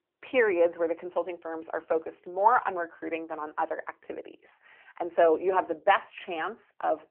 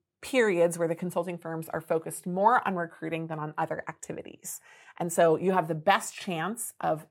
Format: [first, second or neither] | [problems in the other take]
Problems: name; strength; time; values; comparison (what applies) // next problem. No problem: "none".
second | phone-call audio; nothing above 3 kHz